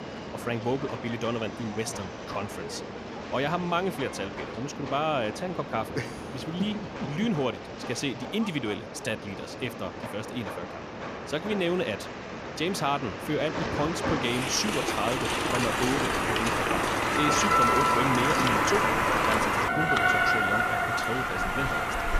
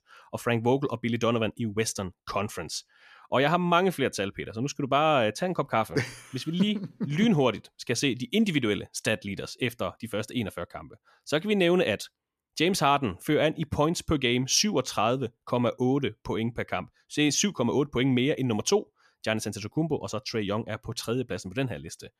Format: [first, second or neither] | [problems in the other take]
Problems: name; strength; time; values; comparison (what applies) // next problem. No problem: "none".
second | train or aircraft noise; very loud; throughout; 3 dB above the speech